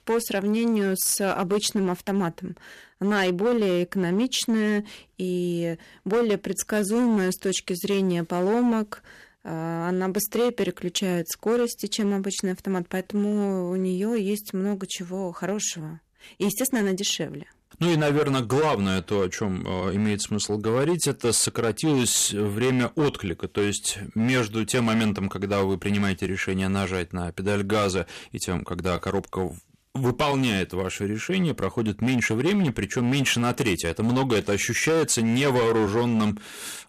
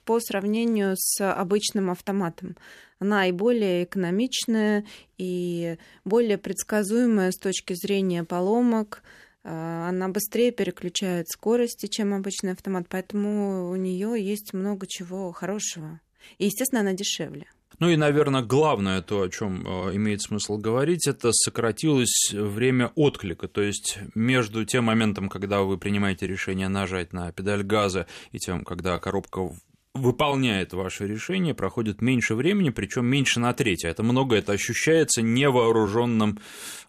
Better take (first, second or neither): second